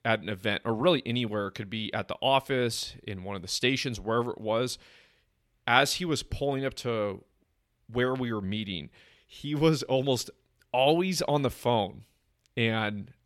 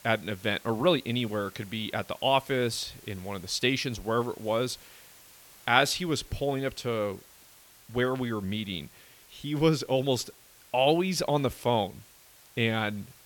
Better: first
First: none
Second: hiss; faint; throughout; 25 dB below the speech

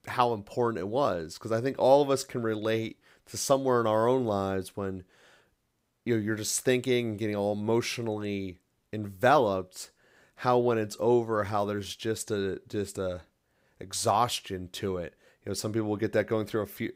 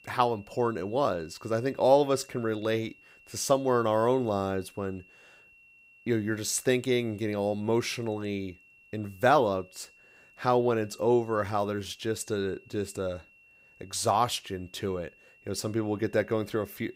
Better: first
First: none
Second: high-pitched whine; faint; throughout; 2.5 kHz, 25 dB below the speech

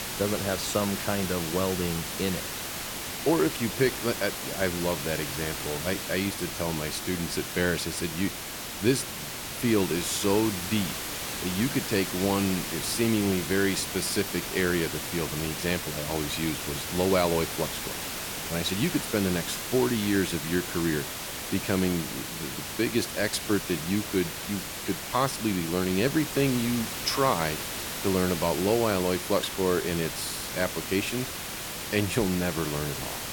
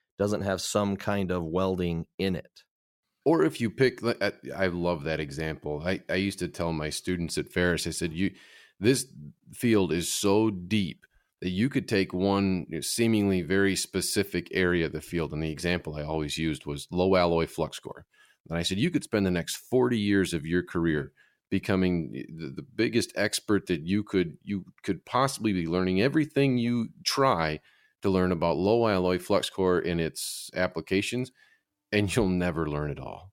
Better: second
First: hiss; loud; throughout; 4 dB below the speech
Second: none

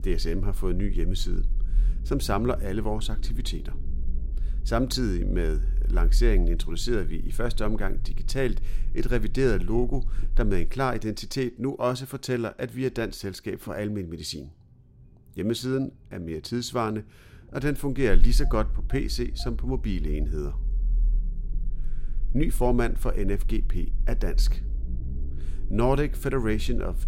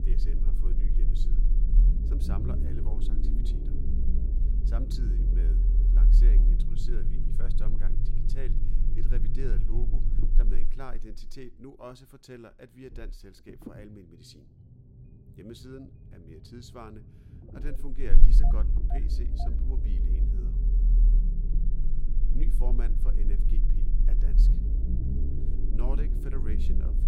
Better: first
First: low rumble; faint; throughout; 20 dB below the speech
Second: low rumble; loud; throughout; 1 dB below the speech

